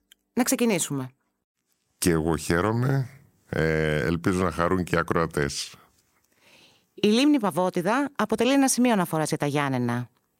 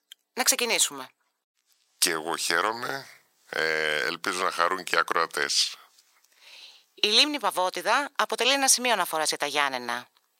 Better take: first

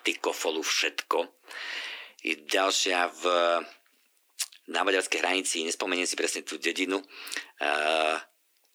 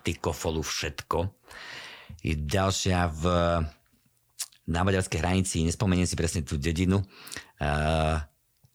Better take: second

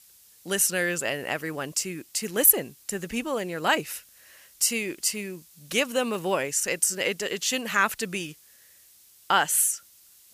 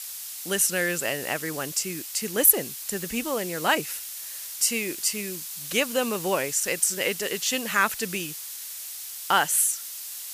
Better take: first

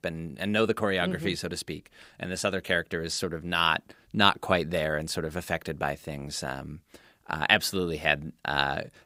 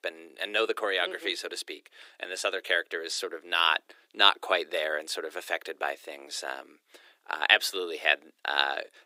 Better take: first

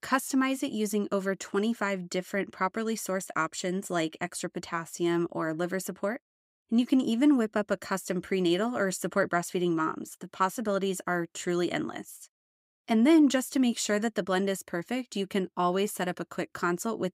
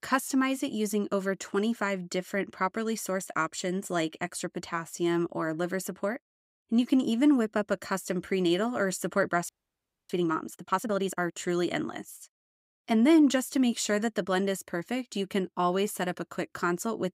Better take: first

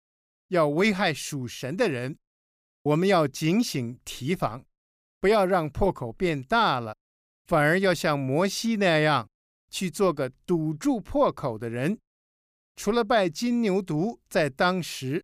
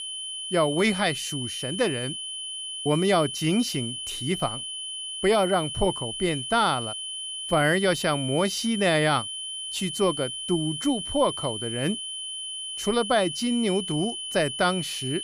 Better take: first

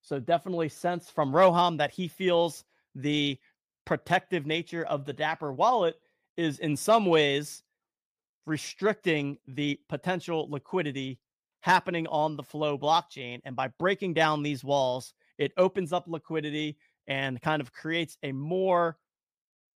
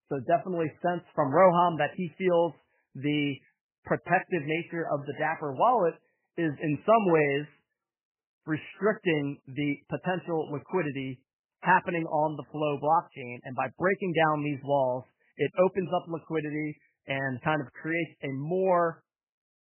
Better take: first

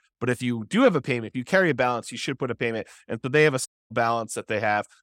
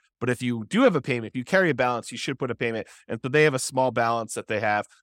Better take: second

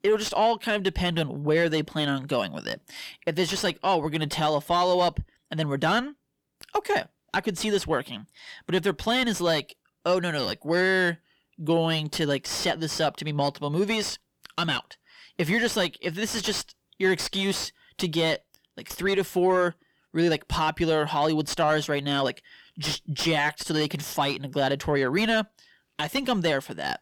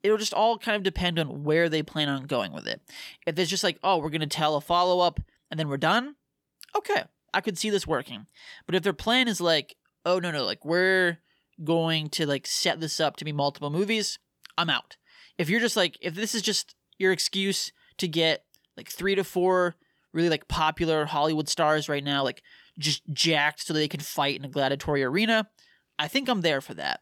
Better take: second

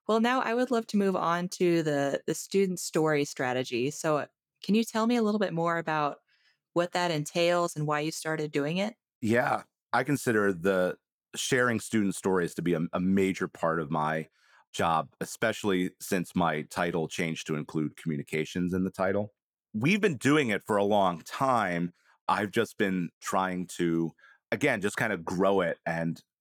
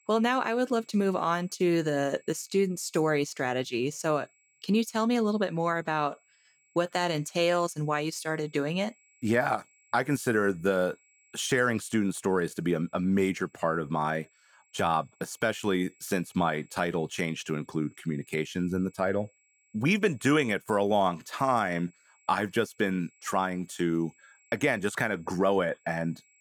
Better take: first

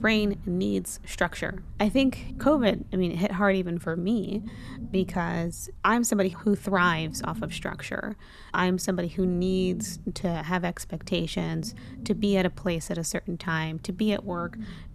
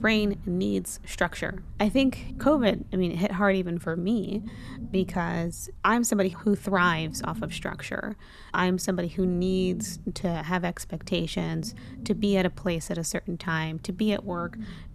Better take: neither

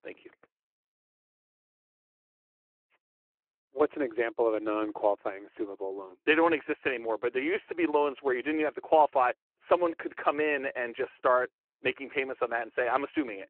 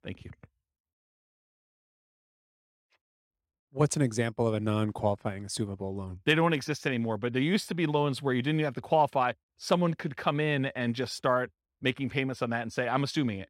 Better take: second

